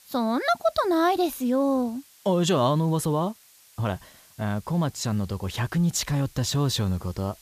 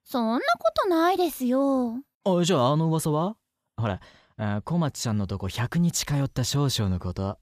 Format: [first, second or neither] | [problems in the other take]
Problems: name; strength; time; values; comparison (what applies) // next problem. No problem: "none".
second | hiss; faint; throughout; 25 dB below the speech